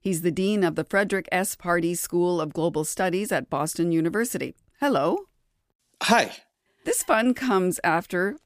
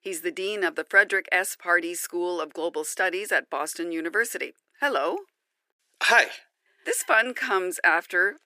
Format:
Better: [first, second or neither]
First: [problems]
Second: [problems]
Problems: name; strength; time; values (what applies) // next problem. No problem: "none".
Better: first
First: none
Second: thin; very; fading below 400 Hz